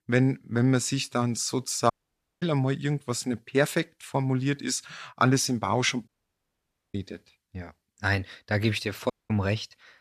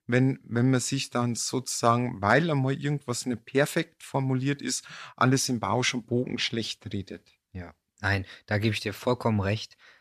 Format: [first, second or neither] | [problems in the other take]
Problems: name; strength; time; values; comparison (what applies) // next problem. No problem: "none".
second | audio cutting out; at 2 s for 0.5 s, at 6 s for 1 s and at 9 s